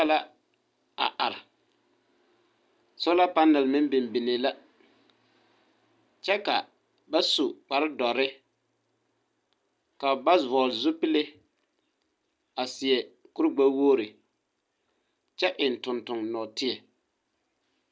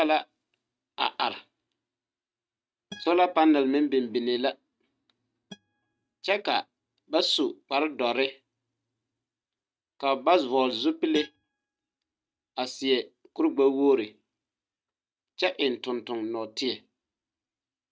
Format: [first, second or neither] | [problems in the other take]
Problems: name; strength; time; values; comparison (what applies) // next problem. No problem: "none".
first | noise reduction (neural mask model RNNoise)